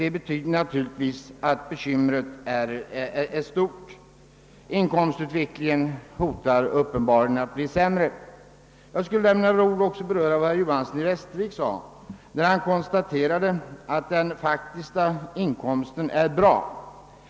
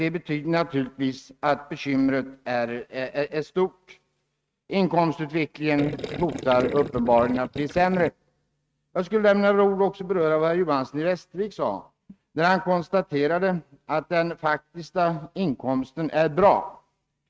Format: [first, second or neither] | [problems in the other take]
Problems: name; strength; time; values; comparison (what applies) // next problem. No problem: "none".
first | noise reduction (neural mask model RNNoise)